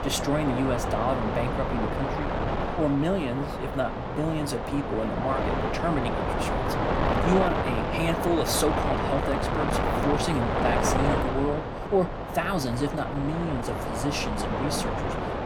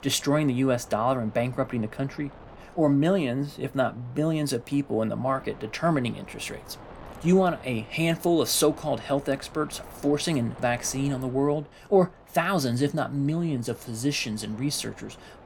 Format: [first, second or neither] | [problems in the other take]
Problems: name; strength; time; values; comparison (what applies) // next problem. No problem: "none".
second | wind noise on the microphone; heavy; 2 dB above the speech; occasional gusts in the second